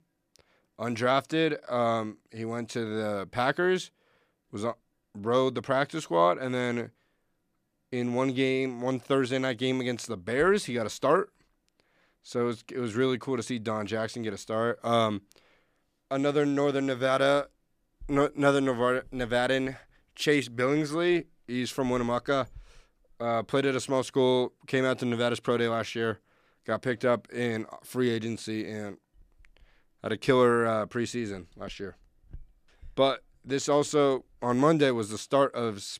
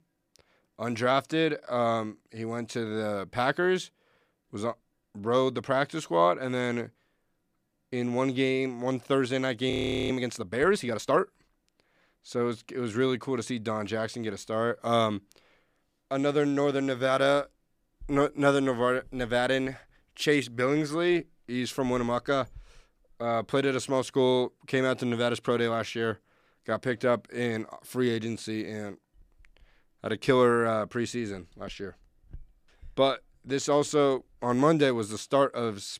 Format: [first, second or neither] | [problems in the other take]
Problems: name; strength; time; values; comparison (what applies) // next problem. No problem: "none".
first | audio freezing; at 9.5 s